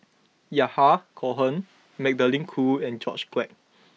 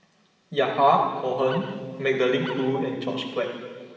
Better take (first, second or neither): first